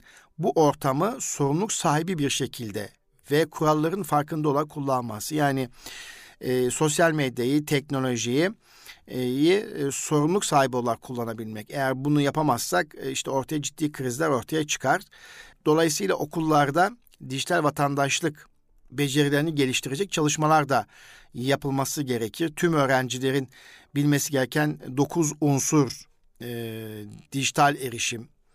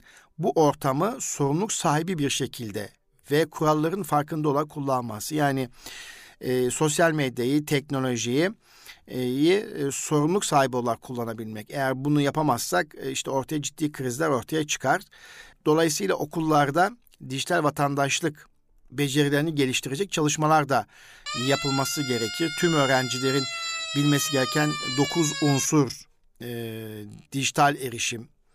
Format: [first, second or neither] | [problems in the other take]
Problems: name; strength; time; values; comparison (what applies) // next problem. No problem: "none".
first | siren; noticeable; from 21 to 26 s; peak 3 dB below the speech